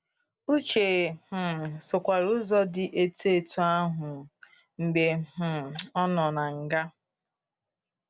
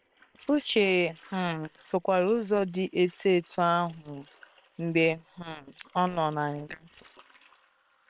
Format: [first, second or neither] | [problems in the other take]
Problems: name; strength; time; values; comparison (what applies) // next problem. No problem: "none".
first | noise reduction (neural separator model SepFormer WHAM!)